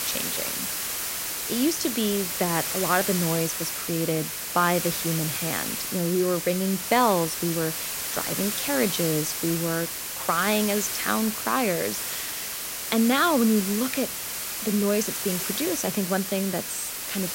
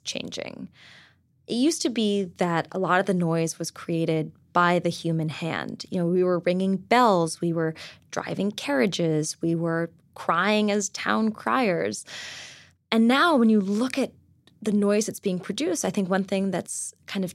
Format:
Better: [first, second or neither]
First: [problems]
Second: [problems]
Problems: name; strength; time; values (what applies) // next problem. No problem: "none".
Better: second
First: hiss; loud; throughout; 2 dB below the speech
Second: none